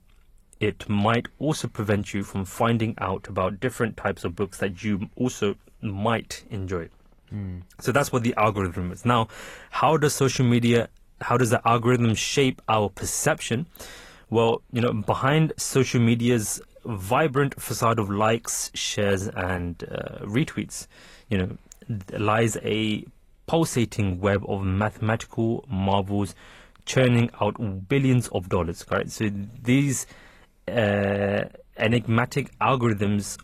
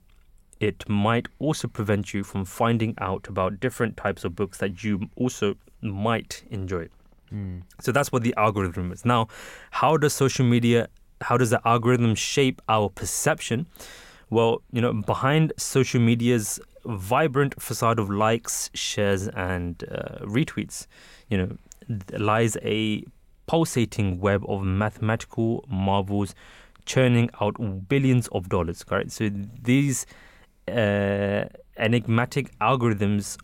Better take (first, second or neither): second